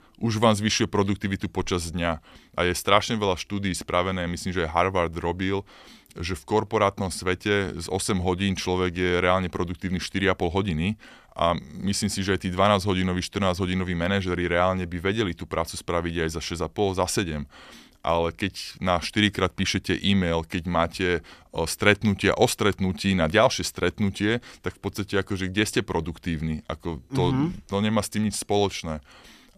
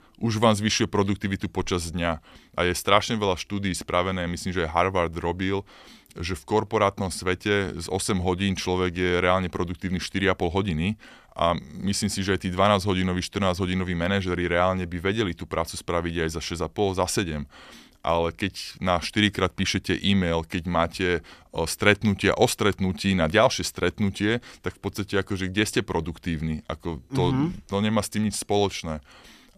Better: neither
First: none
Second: none

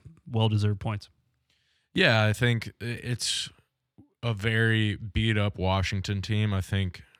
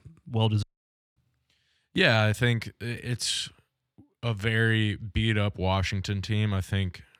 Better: first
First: none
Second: audio cutting out; at 0.5 s for 0.5 s

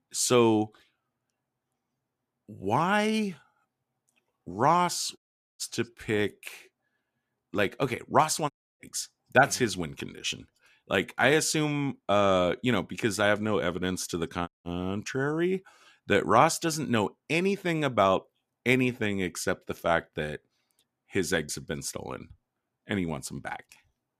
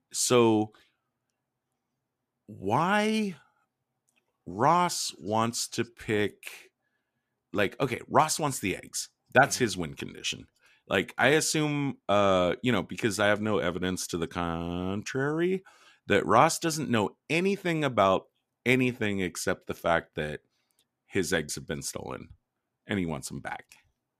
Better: second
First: audio cutting out; at 5 s, at 8.5 s and at 14 s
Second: none

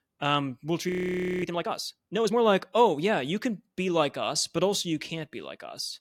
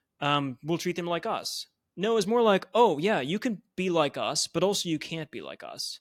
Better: second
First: audio freezing; at 1 s for 0.5 s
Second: none

